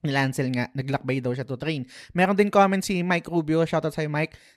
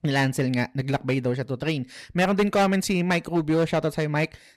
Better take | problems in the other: first | distortion; slight; 6% of the sound clipped

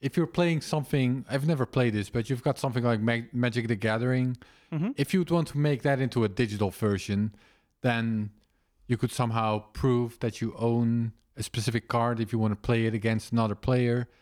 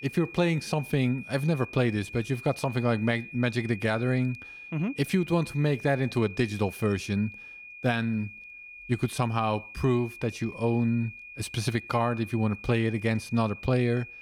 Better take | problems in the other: first | high-pitched whine; noticeable; throughout; 2.5 kHz, 15 dB below the speech

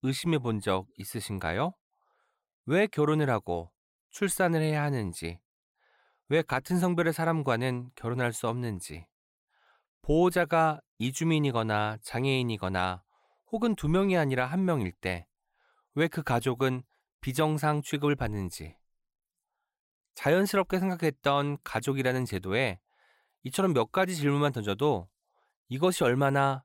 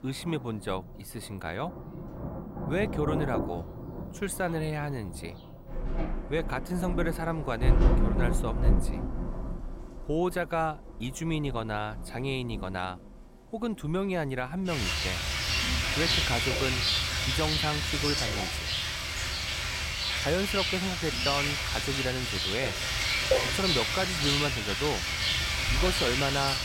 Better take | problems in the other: first | rain or running water; very loud; throughout; 4 dB above the speech

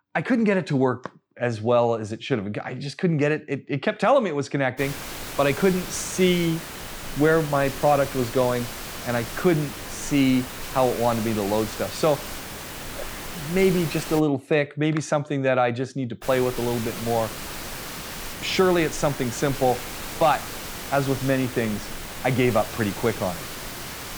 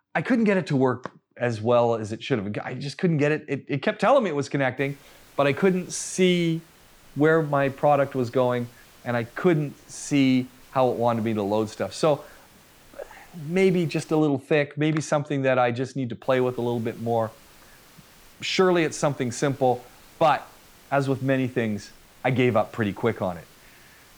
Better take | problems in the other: second | hiss; loud; from 5 to 14 s and from 16 s on; 10 dB below the speech; faint in the second

